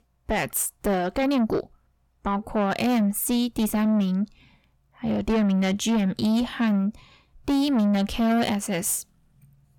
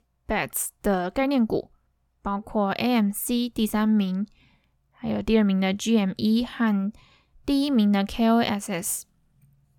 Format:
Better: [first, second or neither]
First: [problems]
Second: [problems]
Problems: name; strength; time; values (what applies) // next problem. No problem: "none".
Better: second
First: distortion; slight; 10 dB below the speech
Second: none